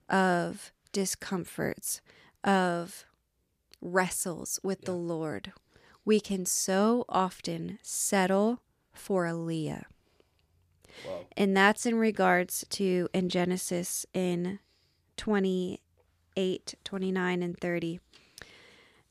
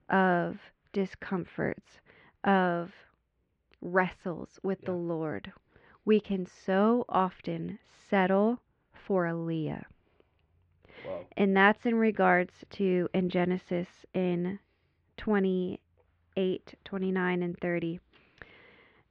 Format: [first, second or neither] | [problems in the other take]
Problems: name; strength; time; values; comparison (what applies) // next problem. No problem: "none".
first | muffled; very; fading above 3 kHz